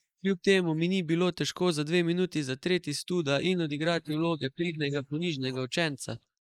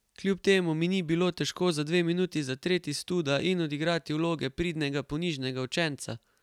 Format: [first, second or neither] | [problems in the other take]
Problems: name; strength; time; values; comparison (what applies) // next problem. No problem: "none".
second | noise reduction (neural mask model Resemble Enhance denoiser)